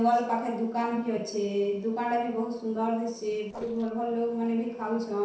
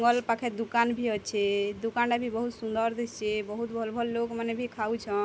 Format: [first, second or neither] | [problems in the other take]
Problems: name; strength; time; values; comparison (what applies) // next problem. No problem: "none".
second | noise reduction (neural separator model SepFormer DNS4)